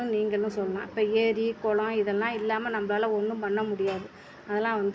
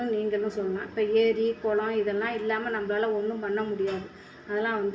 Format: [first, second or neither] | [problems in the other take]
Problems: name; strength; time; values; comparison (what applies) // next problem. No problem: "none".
first | room echo; dies away in 0.5 s